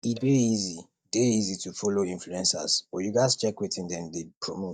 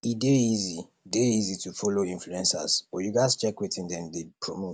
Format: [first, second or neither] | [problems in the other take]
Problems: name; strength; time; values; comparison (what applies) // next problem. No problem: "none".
second | noise reduction (neural mask model DeepFilterNet 3)